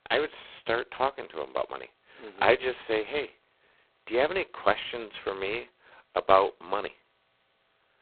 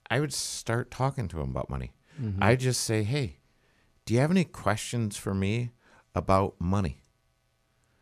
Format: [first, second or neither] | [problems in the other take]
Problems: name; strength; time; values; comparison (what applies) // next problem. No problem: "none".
second | phone-call audio; poor line; nothing above 4 kHz